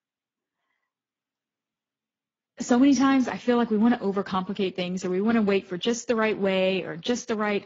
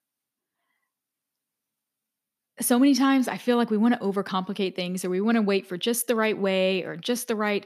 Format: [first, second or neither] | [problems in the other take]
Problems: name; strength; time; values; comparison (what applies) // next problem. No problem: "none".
second | garbled, watery; badly; nothing above 7 kHz